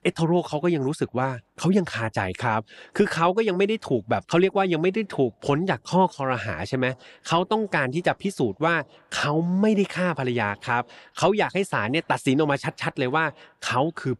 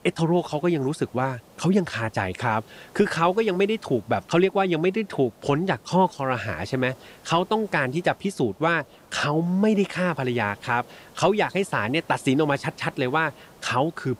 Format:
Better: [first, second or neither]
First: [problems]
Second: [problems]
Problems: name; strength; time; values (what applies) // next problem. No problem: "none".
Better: first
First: none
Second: hiss; faint; throughout; 25 dB below the speech